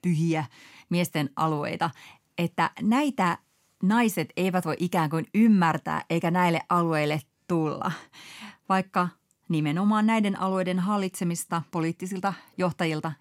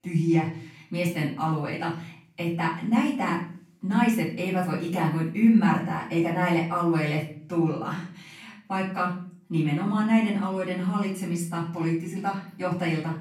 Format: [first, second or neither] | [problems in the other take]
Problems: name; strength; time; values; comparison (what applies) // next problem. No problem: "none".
first | off-mic speech; far // room echo; noticeable; dies away in 0.5 s